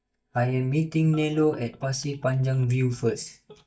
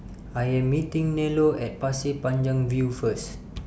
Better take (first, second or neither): second